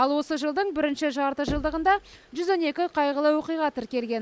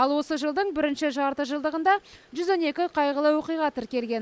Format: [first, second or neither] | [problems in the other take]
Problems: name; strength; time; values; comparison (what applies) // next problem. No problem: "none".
second | background sound (Knock); 15 dB below the speech